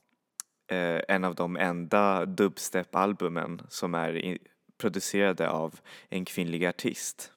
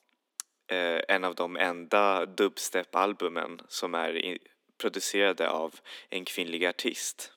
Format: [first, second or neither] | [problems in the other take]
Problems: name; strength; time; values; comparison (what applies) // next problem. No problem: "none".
first | thin; somewhat; fading below 250 Hz